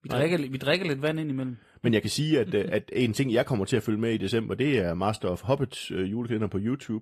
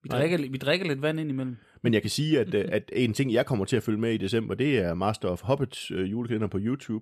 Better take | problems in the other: second | garbled, watery; slightly; nothing above 14 kHz

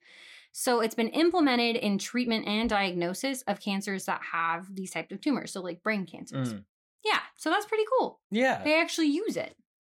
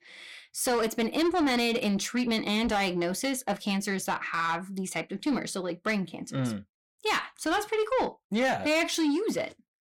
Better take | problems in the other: first | distortion; slight; 10 dB below the speech

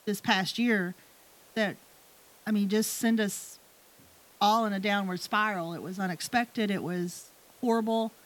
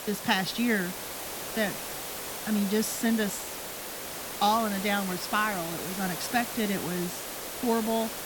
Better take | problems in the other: first | hiss; loud; throughout; 6 dB below the speech; faint in the first

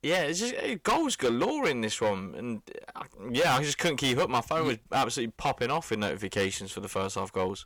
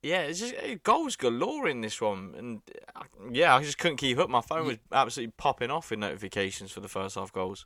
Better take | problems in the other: second | distortion; heavy; 8% of the sound clipped

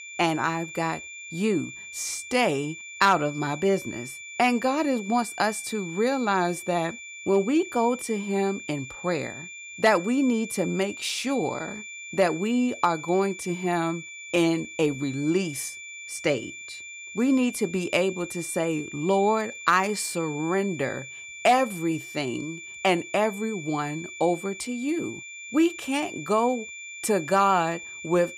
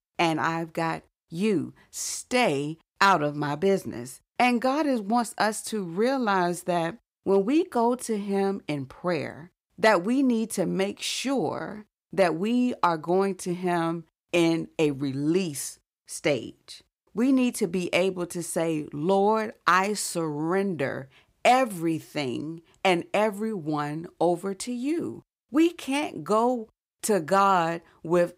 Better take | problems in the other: second | high-pitched whine; noticeable; throughout; 2.5 kHz, 10 dB below the speech

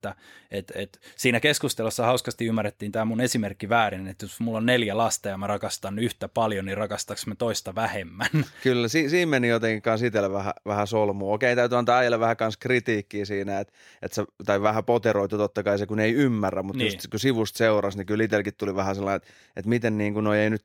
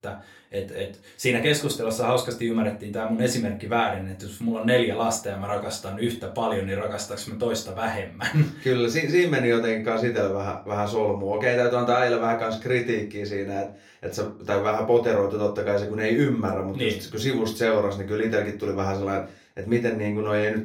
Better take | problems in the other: first | off-mic speech; somewhat distant // room echo; very slight; dies away in 0.3 s

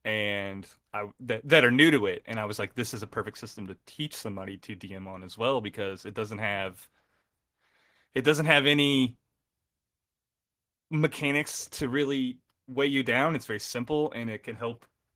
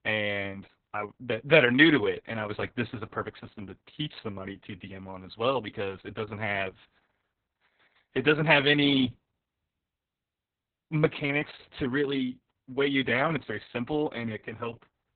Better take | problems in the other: first | garbled, watery; badly; nothing above 3.5 kHz; slightly in the first

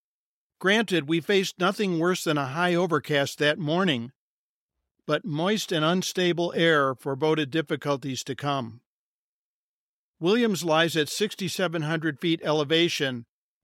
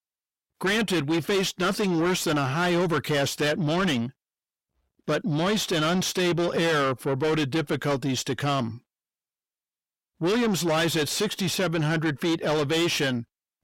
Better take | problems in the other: first | distortion; heavy; 6 dB below the speech

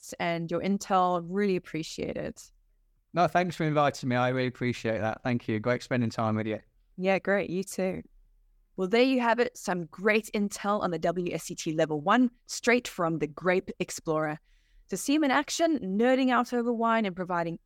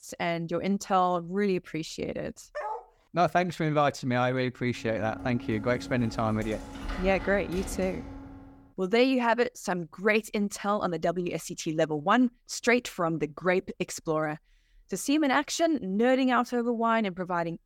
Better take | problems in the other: first | dog barking; noticeable; at 2.5 s; peak 8 dB below the speech // door banging; noticeable; from 5 to 8.5 s; peak 9 dB below the speech

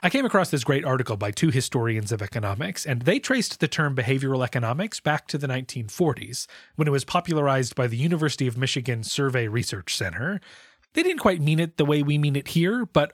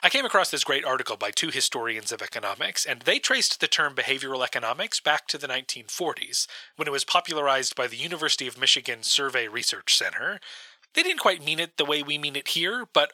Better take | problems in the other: first | thin; very; fading below 600 Hz

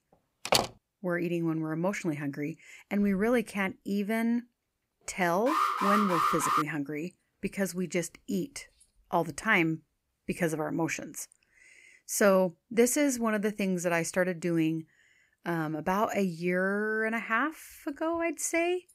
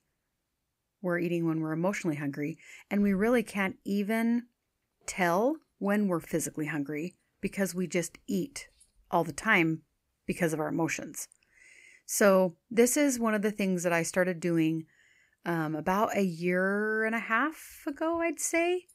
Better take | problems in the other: second | door banging; loud; at 0.5 s; peak 3 dB above the speech // alarm; loud; from 5.5 to 6.5 s; peak 3 dB above the speech

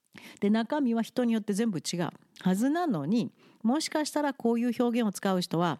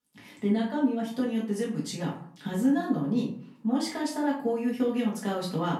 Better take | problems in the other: first | off-mic speech; far // room echo; slight; dies away in 0.4 s

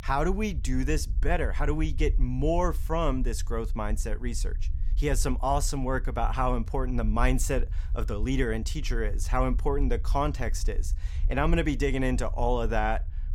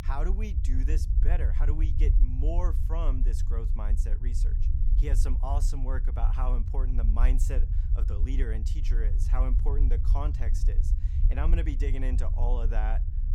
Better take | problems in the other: first | low rumble; loud; throughout; 8 dB below the speech; faint in the first

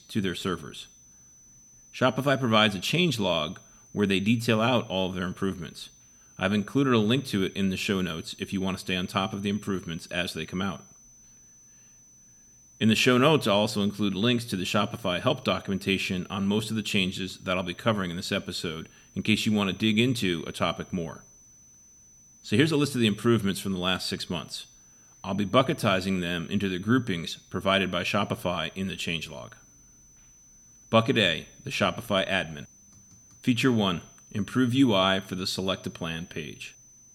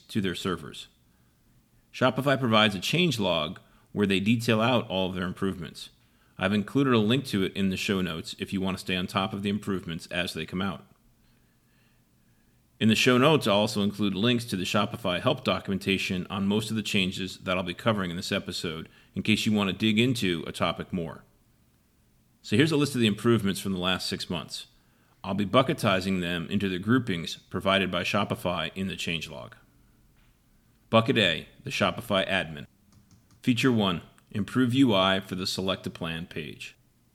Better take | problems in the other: second | high-pitched whine; faint; throughout; 6 kHz, 25 dB below the speech

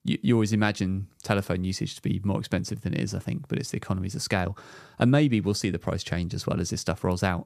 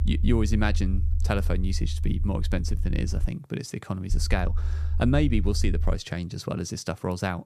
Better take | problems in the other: first | low rumble; noticeable; until 3.5 s and from 4 to 6 s; 15 dB below the speech

